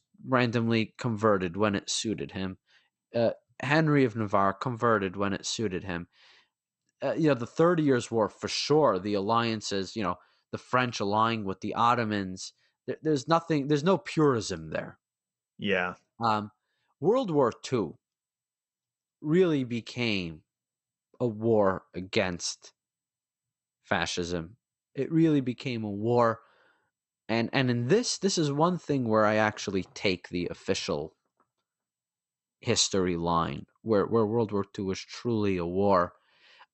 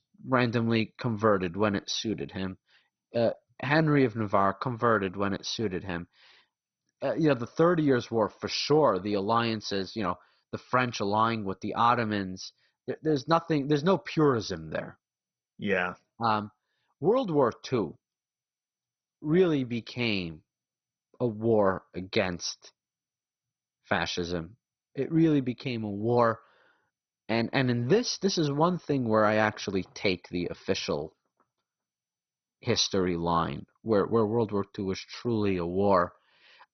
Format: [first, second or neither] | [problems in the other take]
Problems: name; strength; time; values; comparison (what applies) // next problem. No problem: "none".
first | garbled, watery; badly; nothing above 6 kHz; slightly in the first